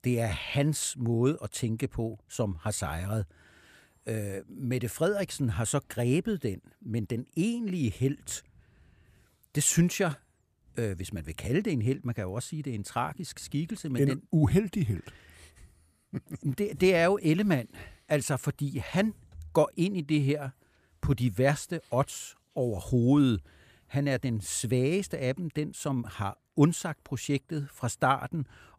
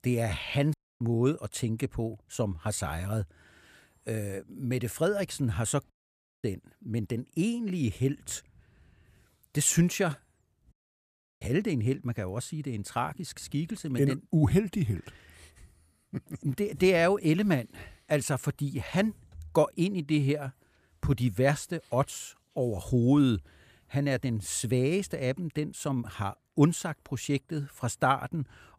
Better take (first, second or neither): first